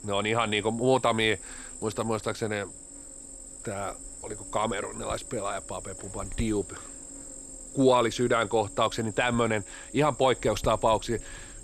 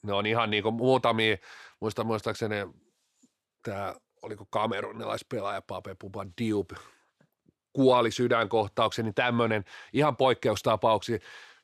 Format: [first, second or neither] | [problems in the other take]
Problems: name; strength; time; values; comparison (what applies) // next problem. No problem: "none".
second | animal sounds; noticeable; throughout; 15 dB below the speech